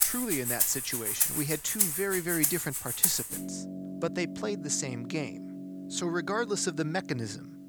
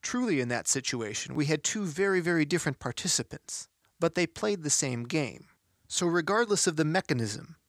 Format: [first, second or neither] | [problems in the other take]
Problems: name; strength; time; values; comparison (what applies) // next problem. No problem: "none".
second | background music; very loud; throughout; 4 dB above the speech